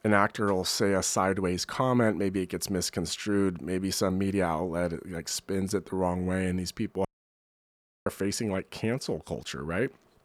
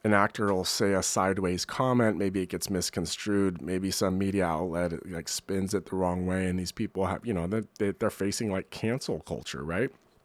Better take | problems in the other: second | audio cutting out; at 7 s for 1 s

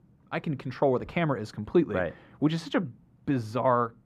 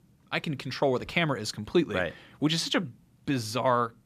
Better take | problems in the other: second | muffled; slightly; fading above 2 kHz

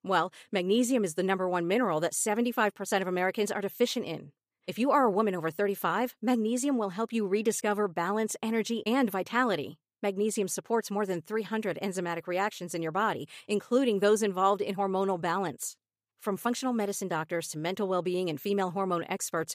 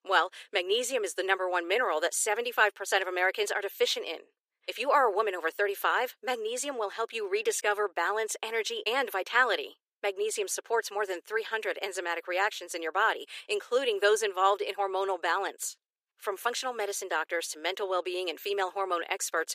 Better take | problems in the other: first | thin; very; fading below 350 Hz

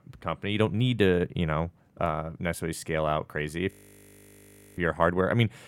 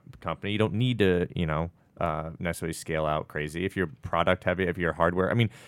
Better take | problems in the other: second | audio freezing; at 3.5 s for 1 s

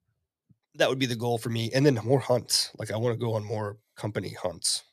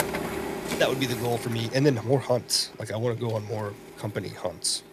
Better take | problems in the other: first | household noises; loud; throughout; 8 dB below the speech

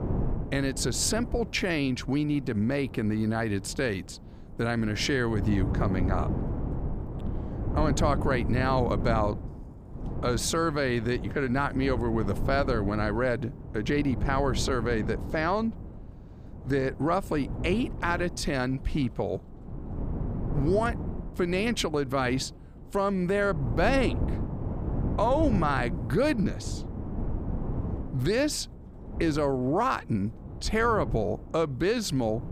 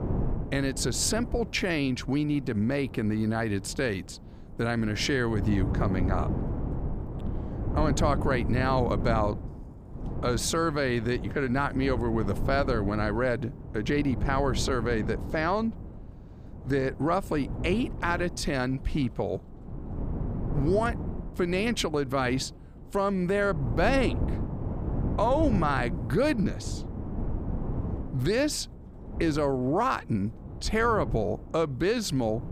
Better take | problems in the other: neither | wind noise on the microphone; occasional gusts; 15 dB below the speech; the same in both

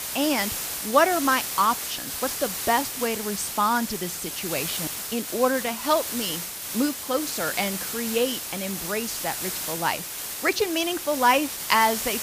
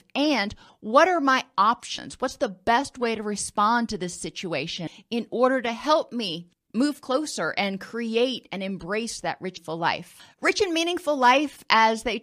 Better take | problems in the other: second | hiss; loud; throughout; 4 dB below the speech

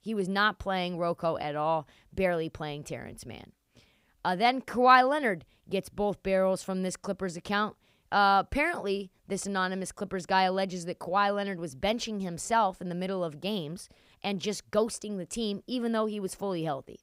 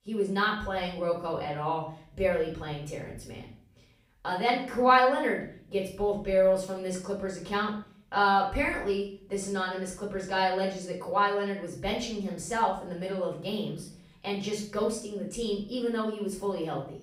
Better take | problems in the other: first | room echo; noticeable; dies away in 0.5 s // off-mic speech; far

